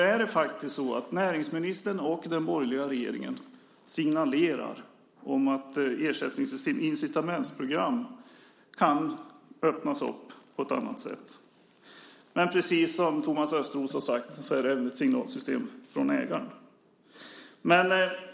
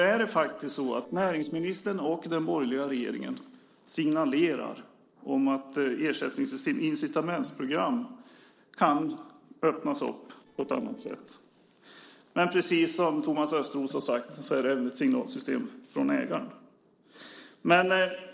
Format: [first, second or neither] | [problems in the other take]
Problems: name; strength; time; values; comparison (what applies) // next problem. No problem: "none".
first | noise reduction (neural separator model SepFormer DNS4)